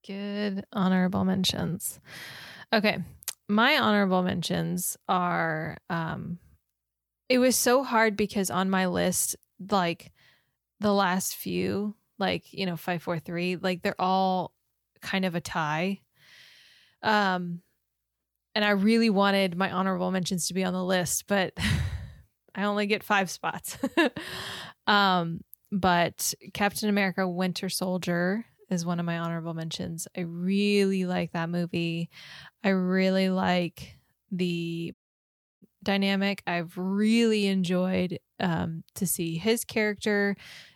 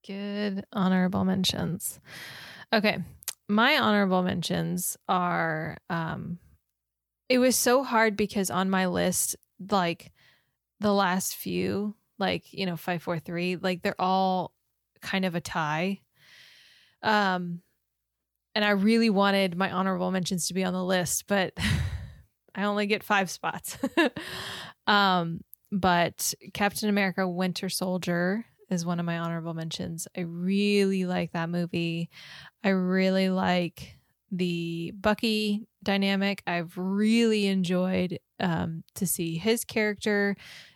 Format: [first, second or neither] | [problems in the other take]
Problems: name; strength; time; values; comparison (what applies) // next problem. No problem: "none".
second | audio cutting out; at 35 s for 0.5 s